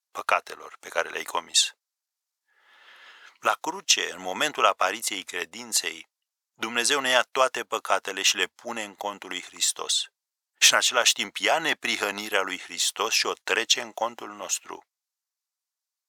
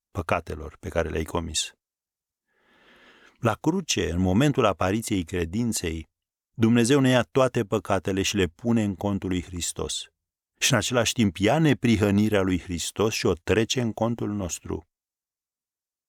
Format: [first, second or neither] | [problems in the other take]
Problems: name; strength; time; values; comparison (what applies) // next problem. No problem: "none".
second | thin; very; fading below 950 Hz